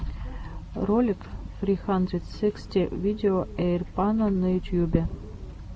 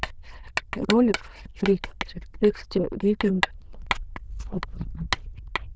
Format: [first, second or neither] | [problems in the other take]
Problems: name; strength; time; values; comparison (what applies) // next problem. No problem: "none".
first | noise reduction (neural diffusion model UNIVERSE++)